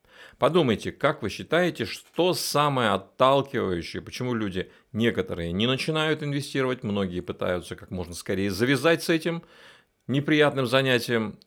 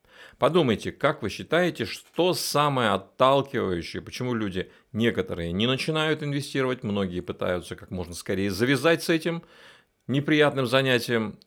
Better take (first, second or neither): neither